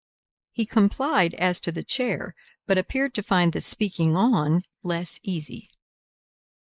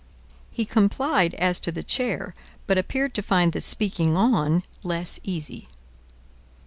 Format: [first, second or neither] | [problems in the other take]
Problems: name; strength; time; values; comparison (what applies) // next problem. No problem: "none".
second | noise reduction (neural mask model Resemble Enhance denoiser)